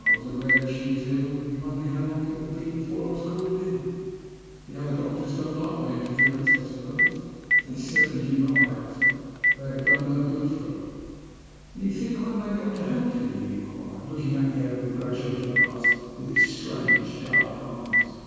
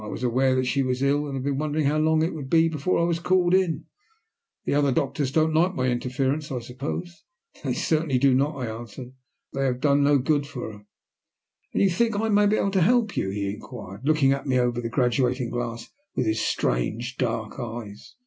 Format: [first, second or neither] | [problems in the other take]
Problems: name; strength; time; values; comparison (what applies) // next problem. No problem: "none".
second | background sound (Telephone); as loud as the speech // room echo; dies away in 2.1 s